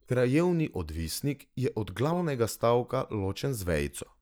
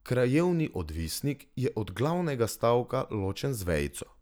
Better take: second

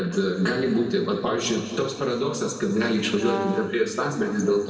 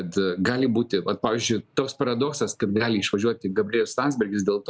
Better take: second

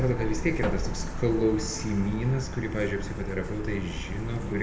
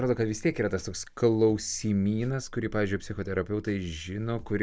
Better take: second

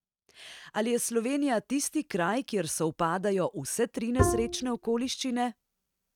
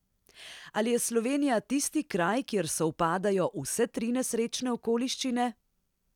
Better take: second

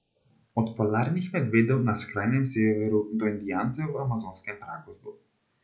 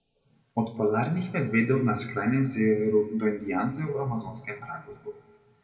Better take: first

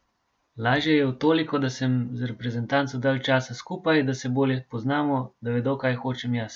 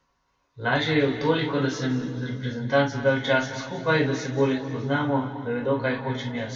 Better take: first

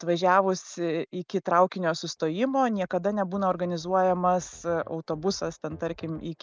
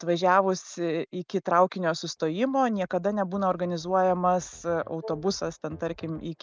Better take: first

